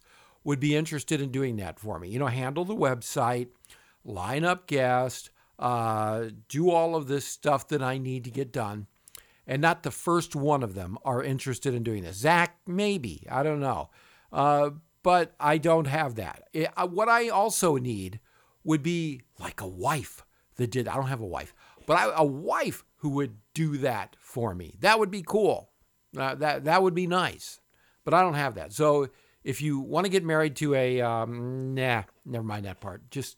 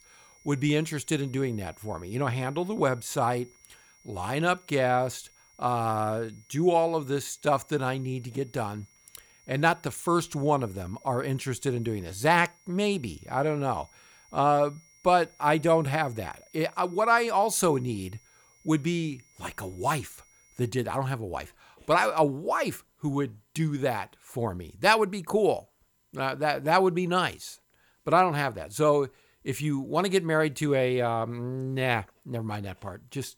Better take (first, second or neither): first